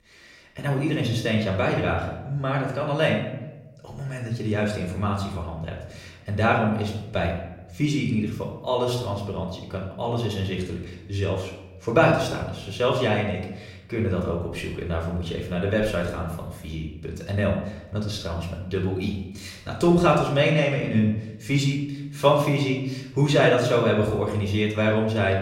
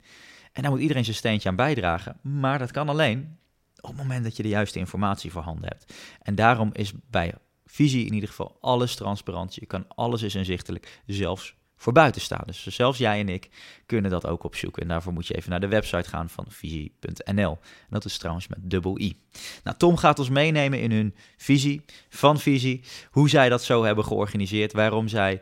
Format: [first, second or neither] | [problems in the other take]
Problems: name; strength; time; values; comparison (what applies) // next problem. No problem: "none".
second | off-mic speech; somewhat distant // room echo; noticeable; dies away in 0.8 s